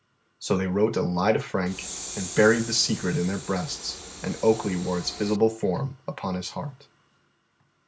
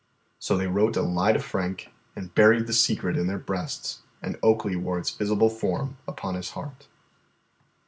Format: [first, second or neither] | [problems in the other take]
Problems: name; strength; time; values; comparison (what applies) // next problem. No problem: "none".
second | background sound (Train); 12 dB below the speech